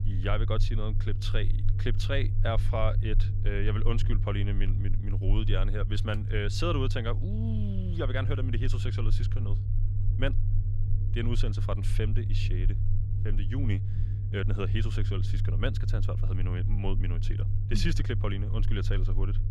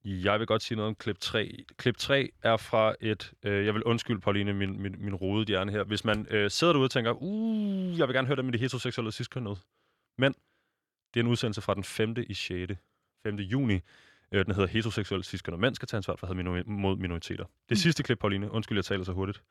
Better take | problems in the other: second | low rumble; loud; throughout; 8 dB below the speech

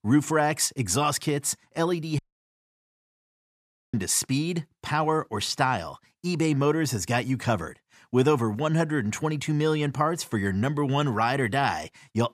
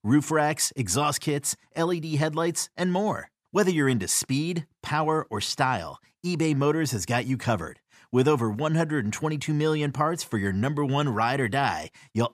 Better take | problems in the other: second | audio cutting out; at 2 s for 1.5 s

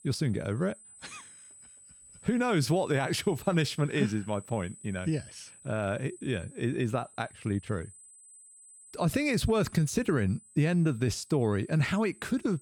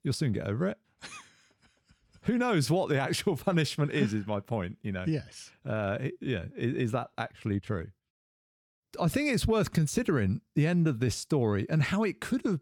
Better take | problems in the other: second | high-pitched whine; faint; throughout; 8 kHz, 20 dB below the speech

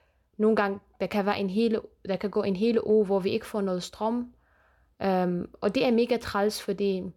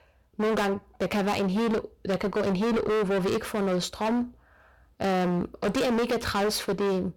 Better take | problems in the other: first | distortion; heavy; 27% of the sound clipped

